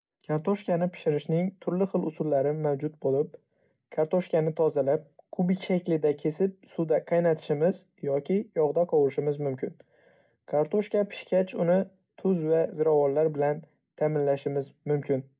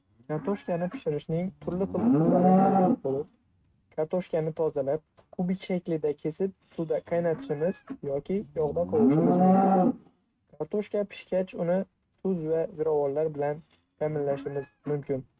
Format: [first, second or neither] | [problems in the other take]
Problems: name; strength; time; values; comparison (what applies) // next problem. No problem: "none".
first | noise reduction (neural mask model RNNoise)